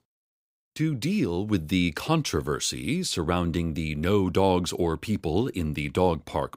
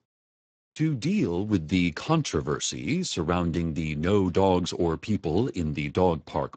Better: first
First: none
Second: garbled, watery; badly; nothing above 7.5 kHz

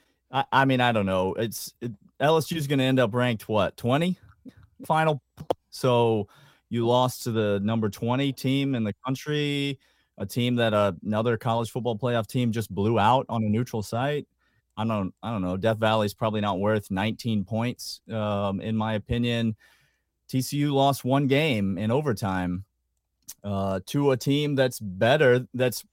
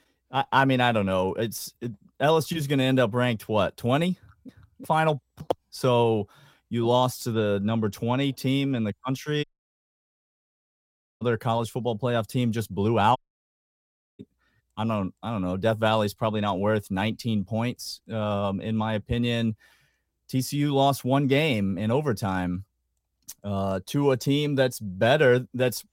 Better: first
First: none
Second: audio cutting out; at 9.5 s for 2 s and at 13 s for 1 s

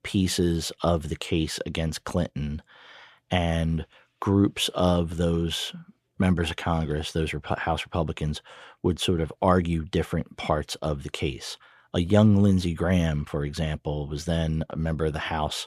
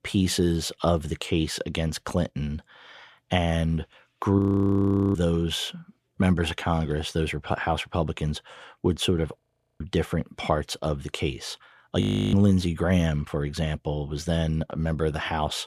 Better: first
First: none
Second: audio freezing; at 4.5 s for 1 s, at 9.5 s and at 12 s

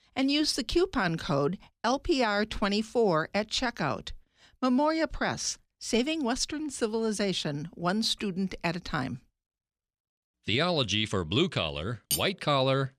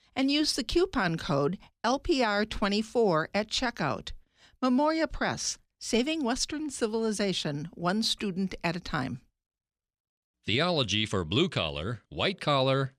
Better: second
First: clattering dishes; noticeable; at 12 s; peak 2 dB below the speech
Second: none

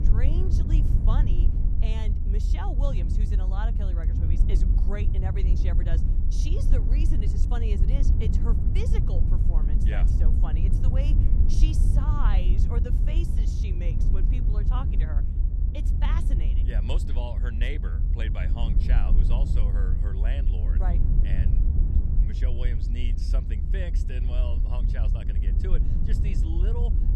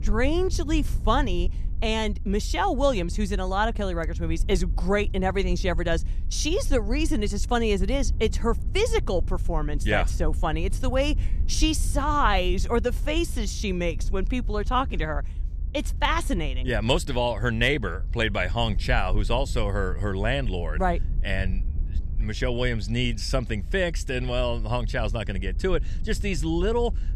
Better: second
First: low rumble; loud; throughout; 2 dB below the speech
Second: low rumble; faint; throughout; 25 dB below the speech

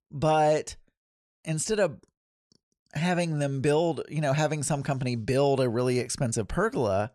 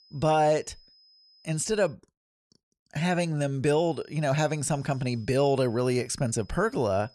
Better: first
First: none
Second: high-pitched whine; faint; until 2 s and from 4 s on; 5 kHz, 30 dB below the speech

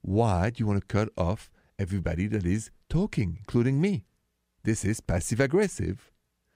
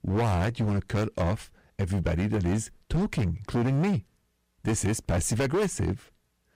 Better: first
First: none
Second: distortion; heavy; 17% of the sound clipped

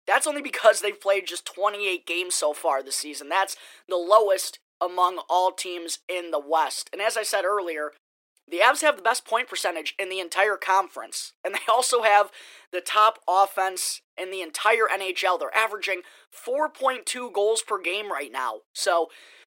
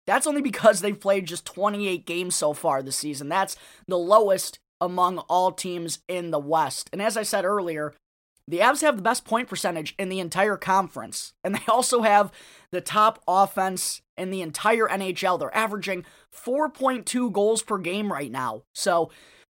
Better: second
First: thin; very; fading below 350 Hz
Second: none

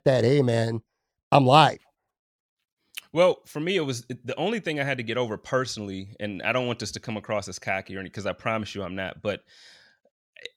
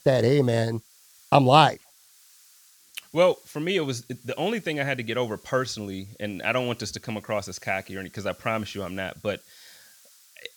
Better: first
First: none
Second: hiss; faint; throughout; 25 dB below the speech

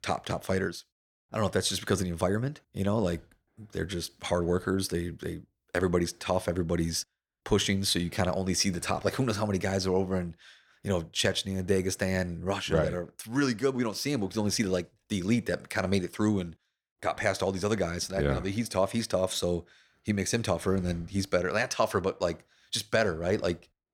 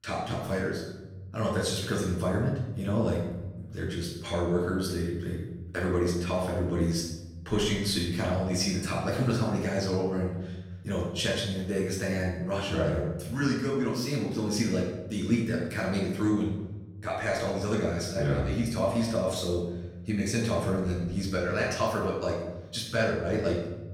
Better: first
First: none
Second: off-mic speech; far // room echo; noticeable; dies away in 1.1 s

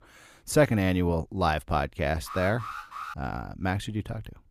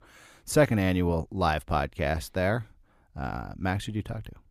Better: second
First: alarm; noticeable; at 2.5 s; peak 10 dB below the speech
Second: none

